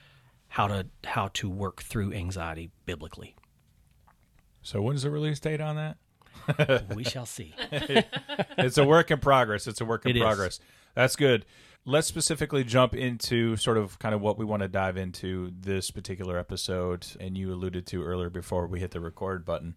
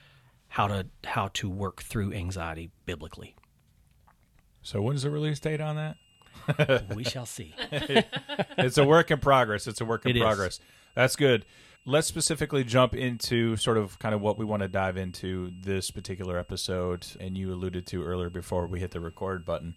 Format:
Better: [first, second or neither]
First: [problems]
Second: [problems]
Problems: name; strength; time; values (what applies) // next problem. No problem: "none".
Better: first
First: none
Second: high-pitched whine; faint; from 4.5 s on; 3 kHz, 30 dB below the speech